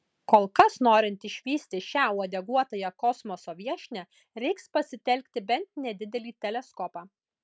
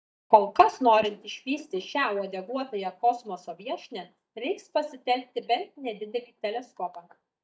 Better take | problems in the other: first | noise reduction (neural mask model DeepFilterNet 3)

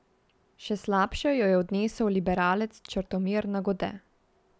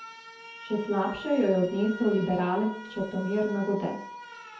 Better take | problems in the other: first | background sound (Alarm); 14 dB below the speech // room echo; dies away in 0.5 s

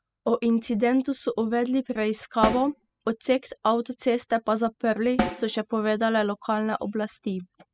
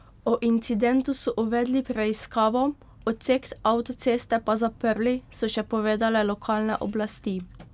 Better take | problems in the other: second | noise reduction (classical method spectral subtraction)

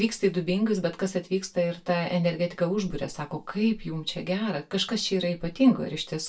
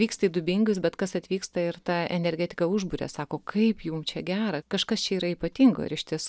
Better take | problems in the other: second | room echo; dies away in 0.2 s

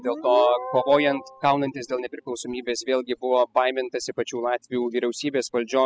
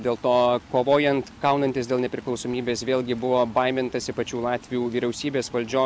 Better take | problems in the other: second | noise reduction (classical method spectral subtraction)

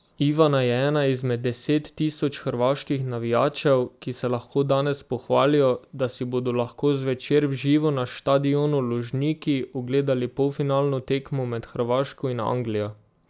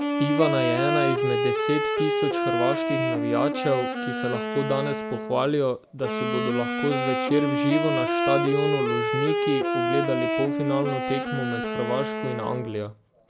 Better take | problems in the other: first | background sound (Wind instrument, woodwind instrument); 1 dB above the speech

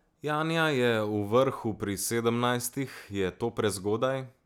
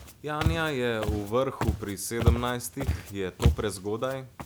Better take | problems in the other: first | background sound (Walk, footsteps); 2 dB above the speech

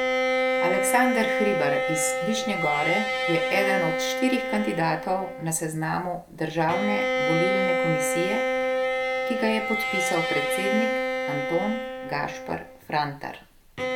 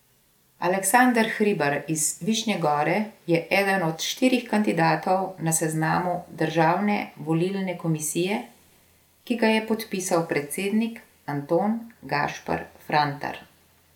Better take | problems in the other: second | background sound (Bowed string instrument); 1 dB above the speech

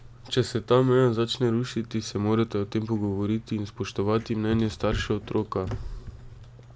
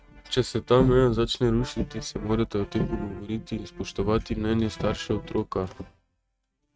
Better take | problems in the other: first | noise reduction (neural mask model RNNoise)

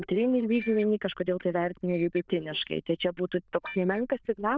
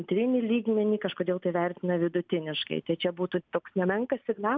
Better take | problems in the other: second | noise reduction (neural diffusion model UNIVERSE++)

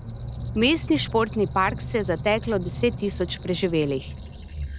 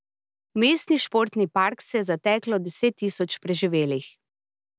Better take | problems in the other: second | background sound (Squeak); 8 dB below the speech

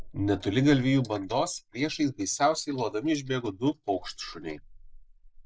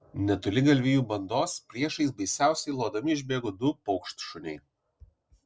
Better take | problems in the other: second | noise reduction (neural mask model Resemble Enhance denoiser)

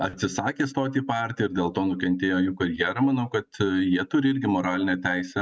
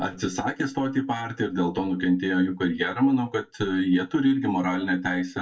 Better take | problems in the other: first | room echo; dies away in 0.2 s

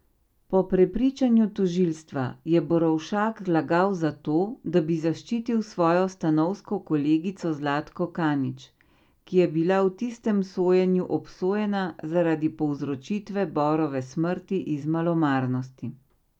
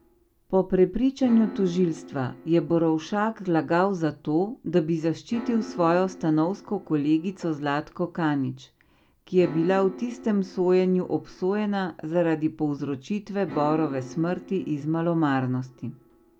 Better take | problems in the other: first | background sound (Piano); 18 dB below the speech

